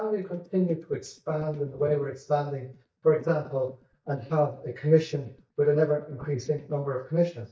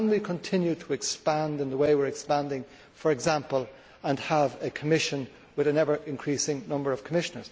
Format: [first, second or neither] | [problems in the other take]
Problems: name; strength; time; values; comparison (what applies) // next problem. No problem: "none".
second | noise reduction (neural mask model DeepFilterNet 3)